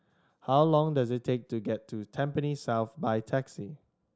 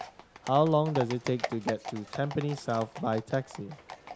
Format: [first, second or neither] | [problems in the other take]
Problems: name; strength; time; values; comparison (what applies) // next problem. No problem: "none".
first | background sound (Livestock, farm animals, working animals); 11 dB below the speech